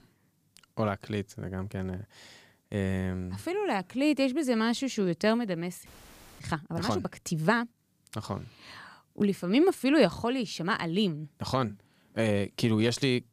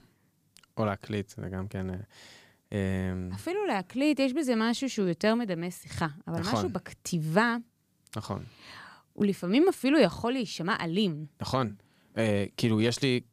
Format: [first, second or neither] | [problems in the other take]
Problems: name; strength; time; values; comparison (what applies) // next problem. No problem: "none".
second | audio freezing; at 6 s for 0.5 s